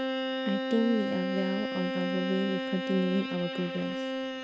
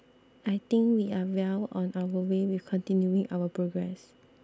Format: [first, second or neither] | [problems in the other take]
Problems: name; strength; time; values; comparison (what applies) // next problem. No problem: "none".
second | background sound (Bowed string instrument); 1 dB below the speech